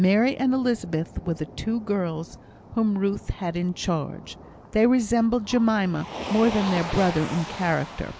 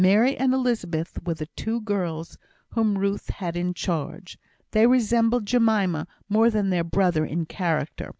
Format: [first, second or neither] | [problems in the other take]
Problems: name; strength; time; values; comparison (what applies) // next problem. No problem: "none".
second | background sound (Motor vehicle (road)); 14 dB below the speech